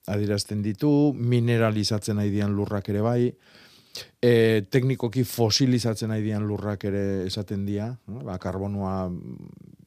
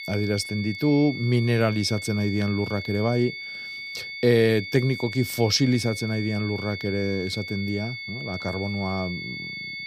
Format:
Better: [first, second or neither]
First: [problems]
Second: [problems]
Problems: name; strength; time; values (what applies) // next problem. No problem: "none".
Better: first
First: none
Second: high-pitched whine; loud; throughout; 2 kHz, 8 dB below the speech